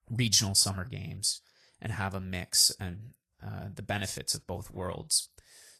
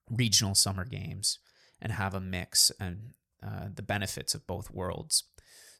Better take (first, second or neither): second